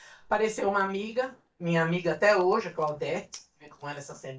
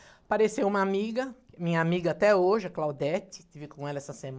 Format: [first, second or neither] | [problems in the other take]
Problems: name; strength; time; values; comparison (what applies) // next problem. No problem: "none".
second | noise reduction (neural mask model DeepFilterNet 3)